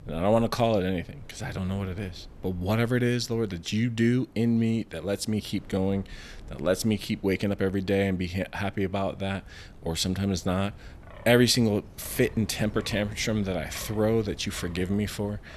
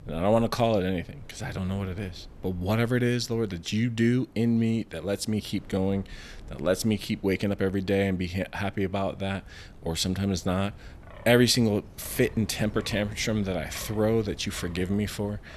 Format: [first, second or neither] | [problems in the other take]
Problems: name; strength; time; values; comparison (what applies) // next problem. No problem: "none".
neither | wind in the background; faint; throughout; 20 dB below the speech; the same in both